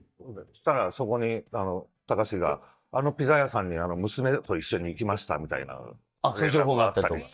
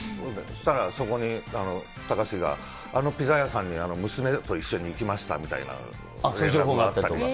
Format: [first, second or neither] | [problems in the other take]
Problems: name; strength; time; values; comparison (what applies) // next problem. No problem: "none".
second | noise reduction (neural mask model DeepFilterNet 3)